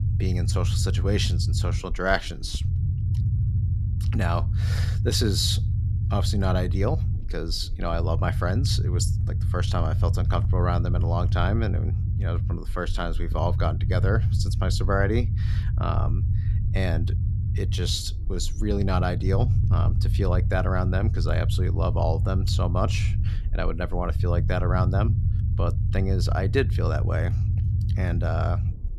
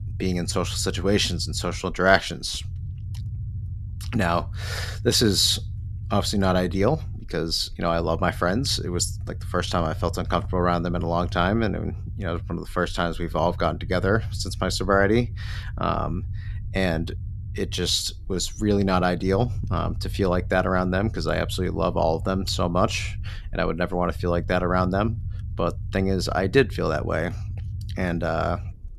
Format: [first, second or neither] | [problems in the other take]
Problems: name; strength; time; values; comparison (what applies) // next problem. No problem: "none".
second | low rumble; loud; throughout; 10 dB below the speech; faint in the second